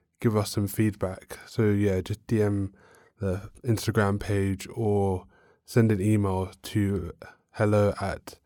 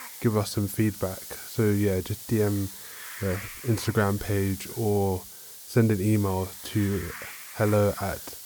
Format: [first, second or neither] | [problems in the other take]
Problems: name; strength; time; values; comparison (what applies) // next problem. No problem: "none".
first | hiss; noticeable; throughout; 10 dB below the speech